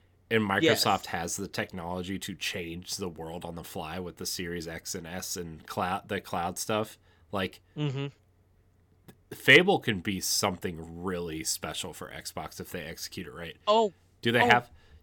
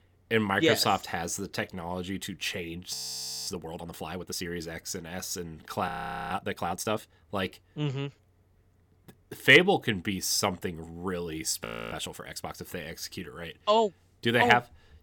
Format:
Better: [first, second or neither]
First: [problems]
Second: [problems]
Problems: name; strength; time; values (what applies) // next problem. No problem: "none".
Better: first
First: none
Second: audio freezing; at 3 s for 0.5 s, at 6 s and at 12 s